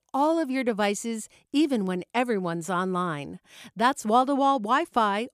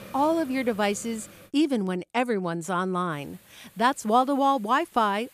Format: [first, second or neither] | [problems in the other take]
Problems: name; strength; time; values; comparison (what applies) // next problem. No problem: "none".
first | hiss; faint; until 1.5 s and from 3 s on; 25 dB below the speech